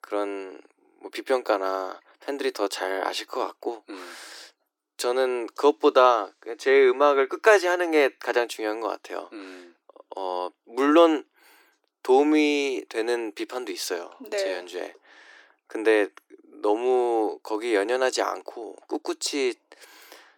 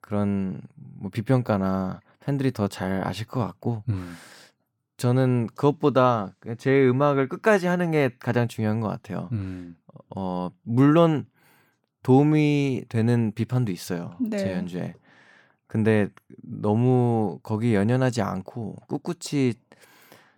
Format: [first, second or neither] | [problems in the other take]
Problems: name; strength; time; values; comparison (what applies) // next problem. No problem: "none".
second | thin; very; fading below 300 Hz